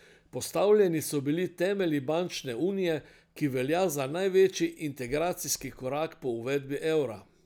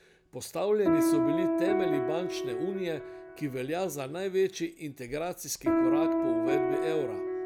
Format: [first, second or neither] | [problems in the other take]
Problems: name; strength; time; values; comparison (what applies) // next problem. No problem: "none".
first | background sound (Piano); 3 dB above the speech